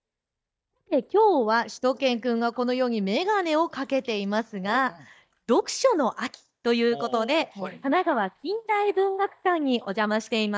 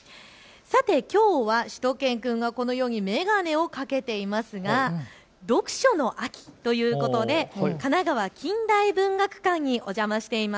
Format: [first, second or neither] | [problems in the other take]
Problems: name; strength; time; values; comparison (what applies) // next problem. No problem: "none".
second | noise reduction (neural mask model DeepFilterNet 3)